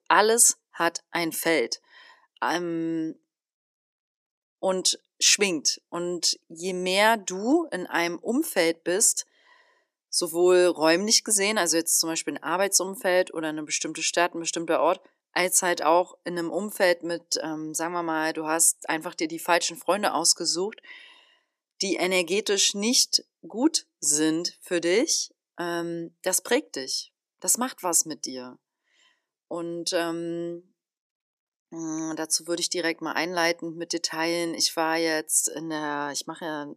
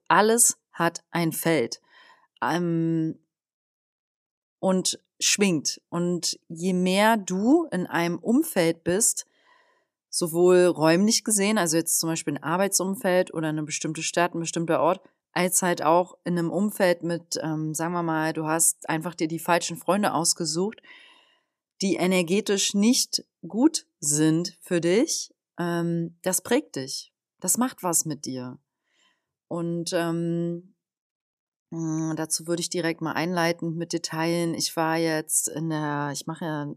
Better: second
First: thin; somewhat; fading below 350 Hz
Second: none

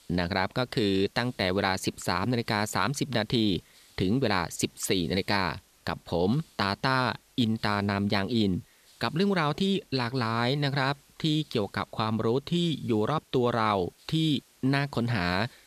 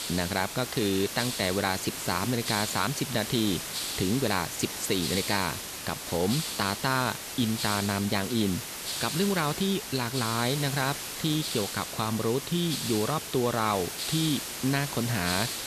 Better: first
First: hiss; faint; throughout; 30 dB below the speech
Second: hiss; loud; throughout; 4 dB below the speech

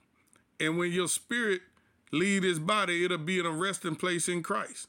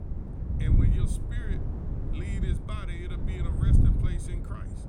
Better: first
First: none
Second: wind noise on the microphone; heavy; 3 dB above the speech

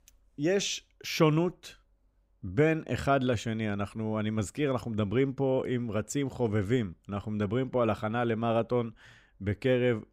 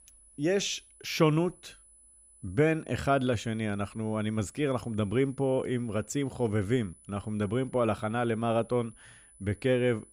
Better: first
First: none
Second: high-pitched whine; faint; throughout; 10 kHz, 25 dB below the speech

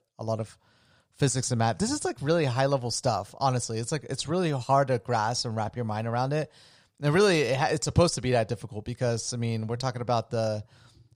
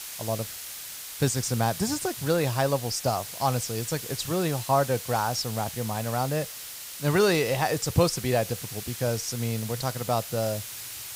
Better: first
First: none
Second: hiss; loud; throughout; 8 dB below the speech

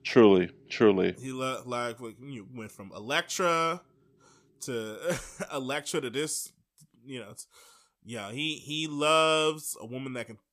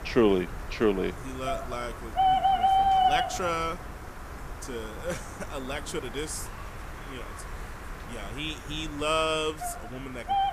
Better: first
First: none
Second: animal sounds; very loud; throughout; as loud as the speech

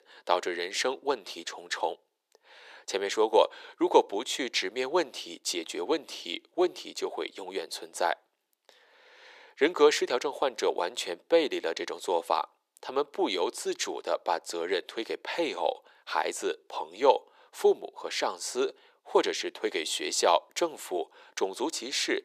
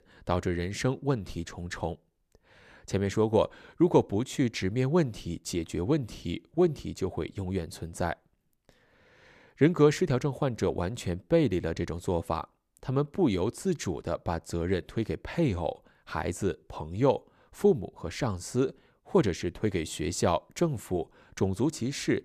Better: second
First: thin; very; fading below 400 Hz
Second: none

